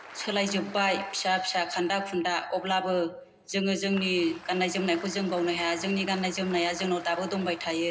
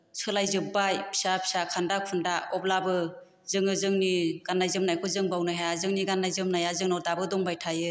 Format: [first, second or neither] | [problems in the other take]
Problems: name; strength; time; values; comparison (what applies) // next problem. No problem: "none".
second | background sound (Applause); 18 dB below the speech // room echo; dies away in 0.2 s